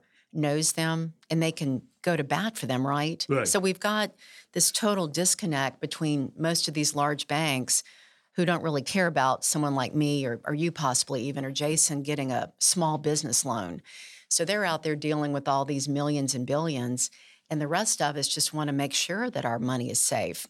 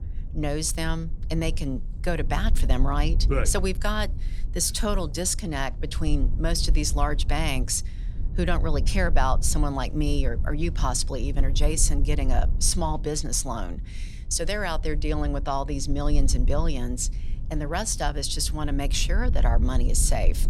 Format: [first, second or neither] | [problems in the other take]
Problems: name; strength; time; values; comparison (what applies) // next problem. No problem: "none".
first | low rumble; noticeable; throughout; 20 dB below the speech